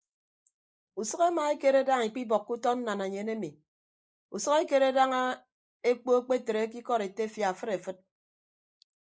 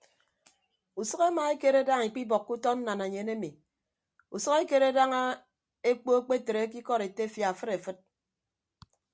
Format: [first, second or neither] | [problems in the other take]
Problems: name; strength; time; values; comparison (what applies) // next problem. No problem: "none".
second | noise reduction (neural mask model Resemble Enhance denoiser)